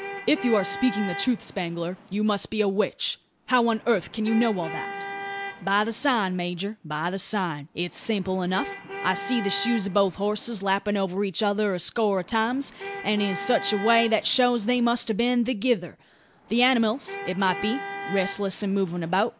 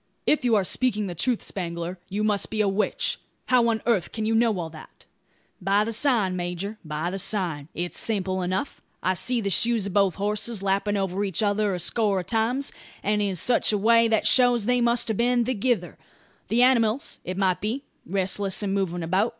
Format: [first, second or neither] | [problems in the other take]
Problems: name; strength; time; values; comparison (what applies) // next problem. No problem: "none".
second | background sound (Traffic noise, roadway noise / Vehicle horn, car horn, honking); 12 dB below the speech